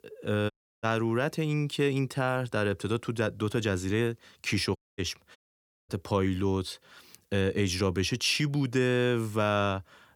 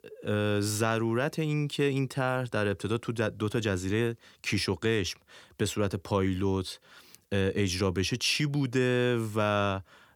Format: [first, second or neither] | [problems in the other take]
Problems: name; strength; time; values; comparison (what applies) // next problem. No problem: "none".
second | audio cutting out; at 0.5 s, at 5 s and at 5.5 s for 0.5 s